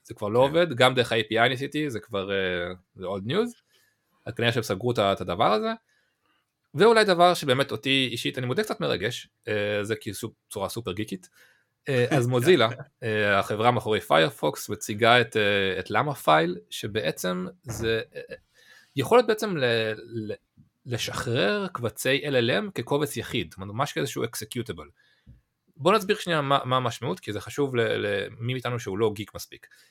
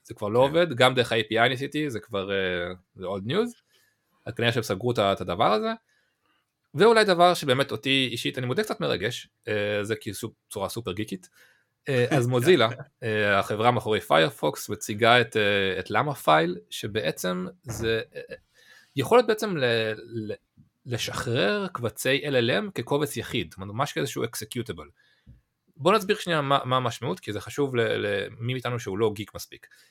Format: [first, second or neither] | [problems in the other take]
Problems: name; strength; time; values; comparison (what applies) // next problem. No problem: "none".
neither | none